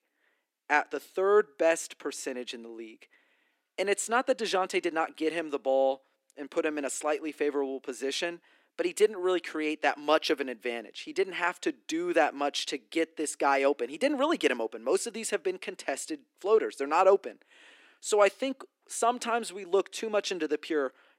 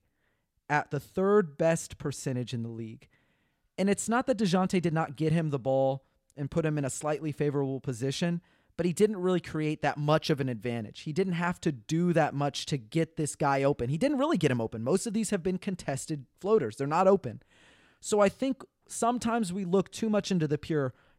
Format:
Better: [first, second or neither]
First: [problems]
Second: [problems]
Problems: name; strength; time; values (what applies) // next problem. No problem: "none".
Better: second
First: thin; somewhat; fading below 300 Hz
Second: none